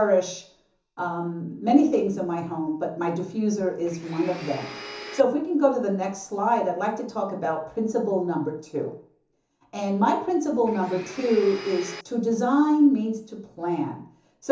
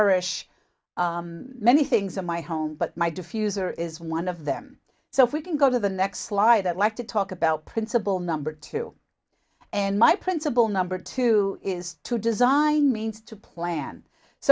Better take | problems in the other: second | background sound (Domestic sounds, home sounds); 14 dB below the speech // room echo; dies away in 0.7 s

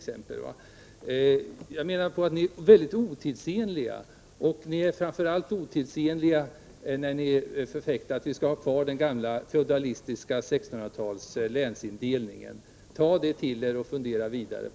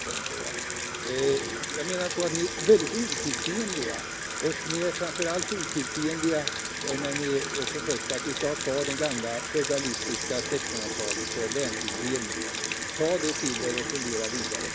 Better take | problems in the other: first | background sound (Sink (filling or washing) / Water tap, faucet); 2 dB below the speech

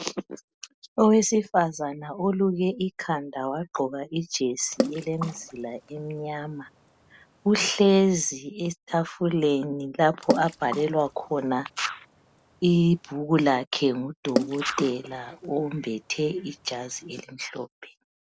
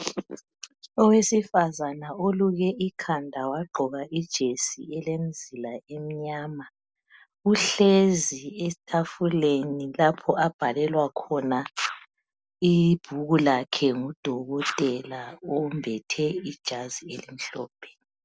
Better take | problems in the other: second | background sound (Water / Splash, splatter); 9 dB below the speech

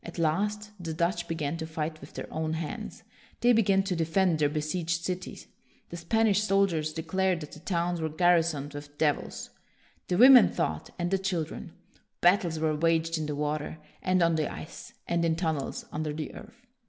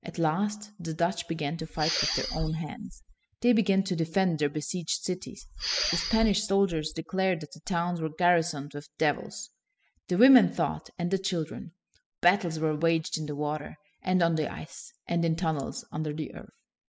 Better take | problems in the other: first | noise reduction (classical method spectral subtraction)

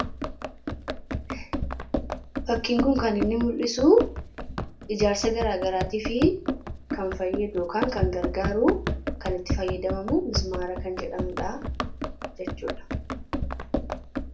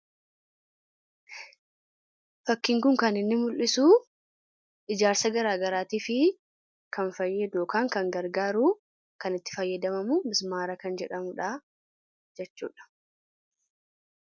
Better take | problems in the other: second | background sound (Run); 3 dB below the speech // room echo; dies away in 0.3 s

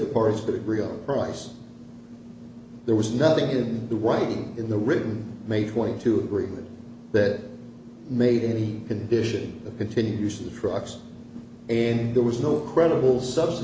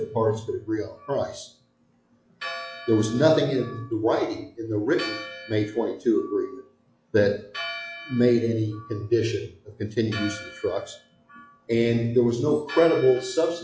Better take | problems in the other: first | noise reduction (classical method log-MMSE)

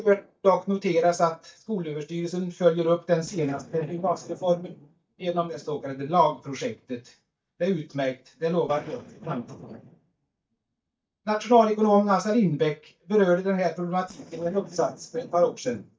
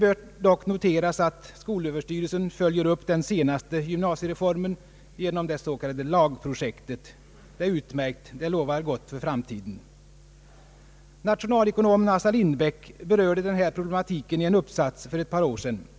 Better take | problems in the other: second | noise reduction (neural mask model DeepFilterNet 3)

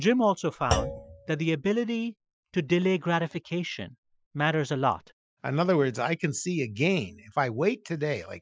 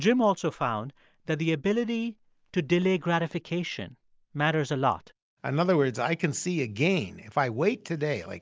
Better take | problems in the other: second | noise reduction (classical method Wiener filter)

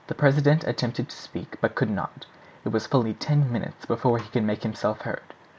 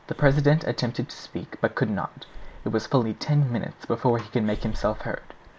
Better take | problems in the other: first | background sound (Breathing); 13 dB below the speech

